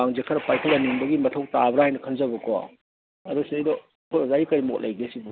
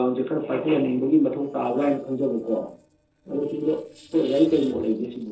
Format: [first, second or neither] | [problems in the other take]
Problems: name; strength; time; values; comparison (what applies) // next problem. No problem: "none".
first | noise reduction (neural separator model SepFormer DNS4)